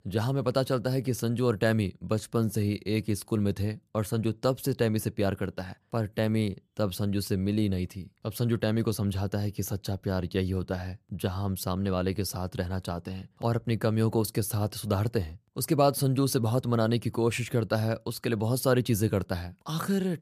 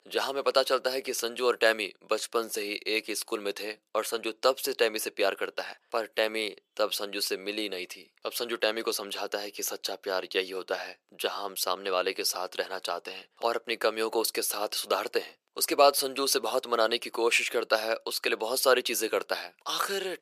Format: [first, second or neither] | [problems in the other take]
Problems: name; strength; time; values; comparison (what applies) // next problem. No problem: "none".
first | thin; very; fading below 400 Hz